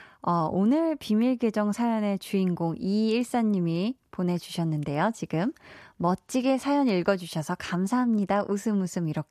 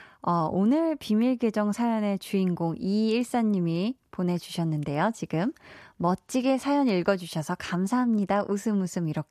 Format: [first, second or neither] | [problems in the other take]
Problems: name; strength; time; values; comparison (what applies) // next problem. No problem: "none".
neither | none